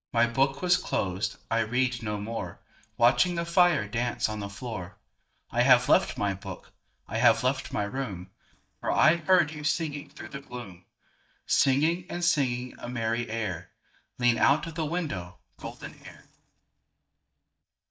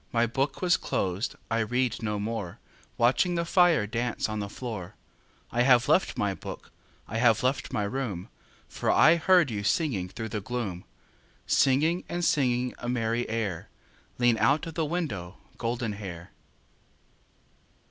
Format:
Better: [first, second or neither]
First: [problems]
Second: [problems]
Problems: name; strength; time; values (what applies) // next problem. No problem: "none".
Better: second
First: noise reduction (neural mask model DeepFilterNet 3)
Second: none